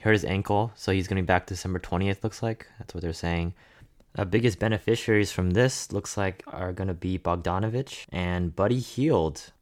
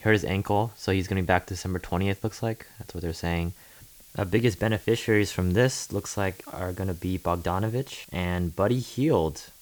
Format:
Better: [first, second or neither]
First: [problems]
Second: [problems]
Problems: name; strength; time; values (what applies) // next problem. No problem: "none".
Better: first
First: none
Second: hiss; faint; throughout; 20 dB below the speech